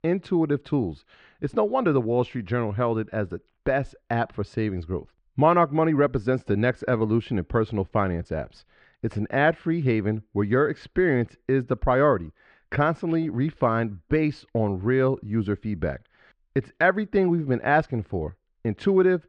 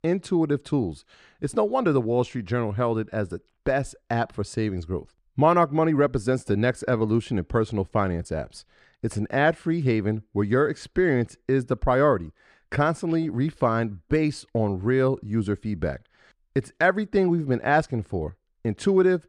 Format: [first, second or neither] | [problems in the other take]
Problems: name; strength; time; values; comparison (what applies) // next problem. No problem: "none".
second | muffled; slightly; fading above 3 kHz